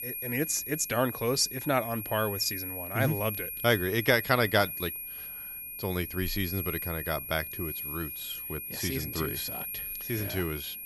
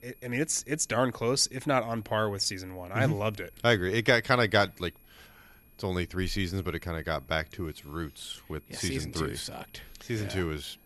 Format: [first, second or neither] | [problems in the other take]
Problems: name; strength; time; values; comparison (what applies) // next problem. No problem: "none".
second | high-pitched whine; loud; throughout; 11.5 kHz, 5 dB below the speech; faint in the second